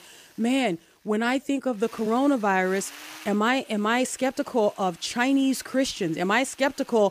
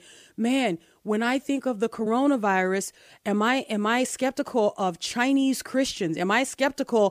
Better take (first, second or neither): second